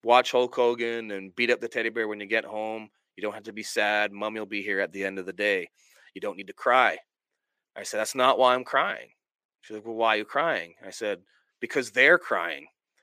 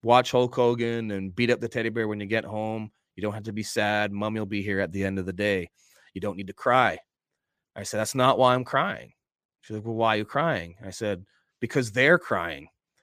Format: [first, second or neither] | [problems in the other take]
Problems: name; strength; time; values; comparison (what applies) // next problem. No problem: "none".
second | thin; somewhat; fading below 400 Hz